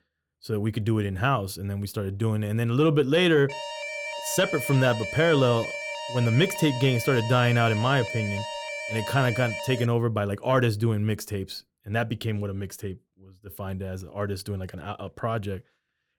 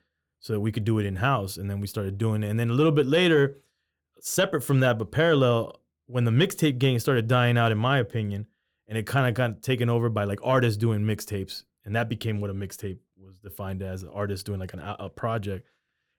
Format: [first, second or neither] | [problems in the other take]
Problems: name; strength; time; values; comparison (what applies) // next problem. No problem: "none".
second | alarm; noticeable; from 3.5 to 10 s; peak 6 dB below the speech